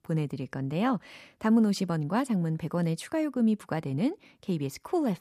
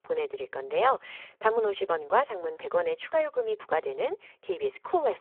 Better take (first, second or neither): first